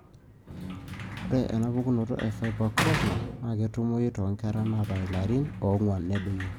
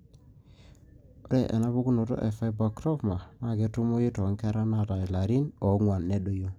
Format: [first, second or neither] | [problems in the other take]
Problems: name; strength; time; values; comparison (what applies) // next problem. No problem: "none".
second | background sound (Sliding door / Slam); 7 dB below the speech